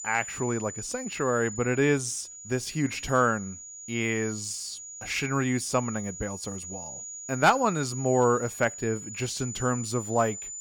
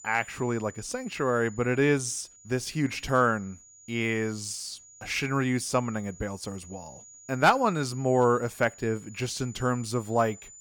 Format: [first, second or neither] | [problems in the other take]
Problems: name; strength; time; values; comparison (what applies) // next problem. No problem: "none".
second | high-pitched whine; loud; throughout; 7 kHz, 10 dB below the speech; faint in the second